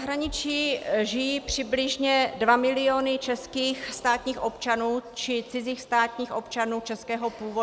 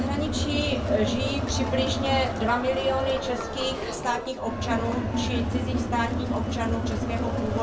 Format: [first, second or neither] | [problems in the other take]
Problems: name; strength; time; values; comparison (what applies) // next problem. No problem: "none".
first | background sound (Crowd); 1 dB above the speech // room echo; dies away in 0.2 s